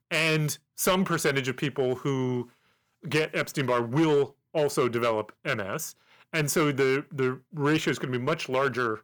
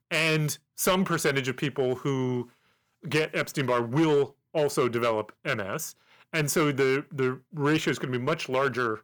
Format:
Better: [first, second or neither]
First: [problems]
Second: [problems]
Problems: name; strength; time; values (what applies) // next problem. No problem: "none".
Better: neither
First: distortion; slight; 4% of the sound clipped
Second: distortion; slight; 4% of the sound clipped